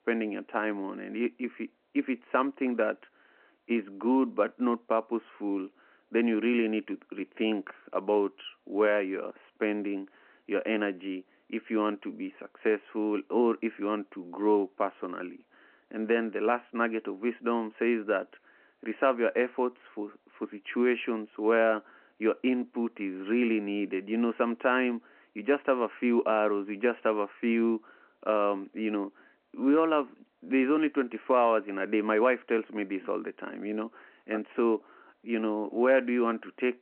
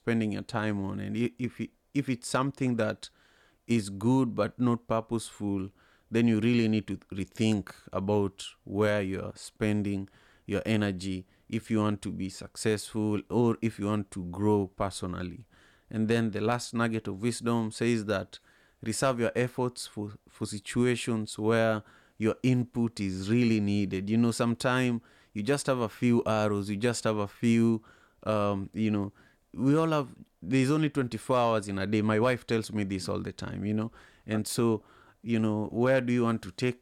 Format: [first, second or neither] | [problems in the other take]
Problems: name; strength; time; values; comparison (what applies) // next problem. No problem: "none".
second | phone-call audio